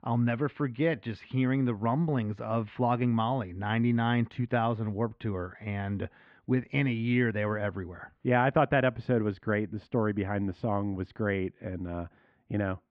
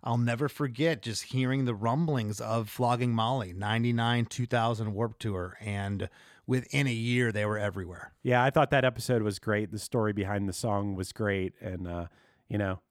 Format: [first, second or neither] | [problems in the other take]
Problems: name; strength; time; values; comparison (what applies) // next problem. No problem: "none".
second | muffled; very; fading above 3 kHz